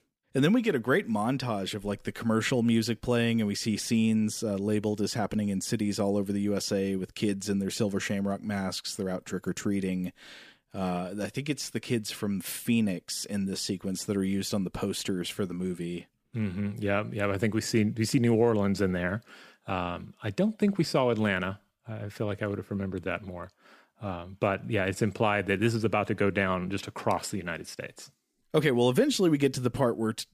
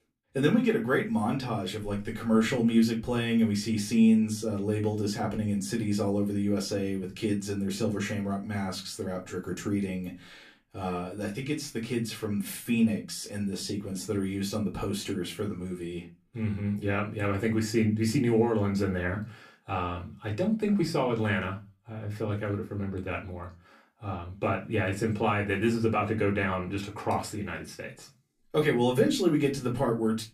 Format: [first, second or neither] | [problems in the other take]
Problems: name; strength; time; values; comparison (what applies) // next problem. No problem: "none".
first | off-mic speech; somewhat distant // room echo; very slight; dies away in 0.2 s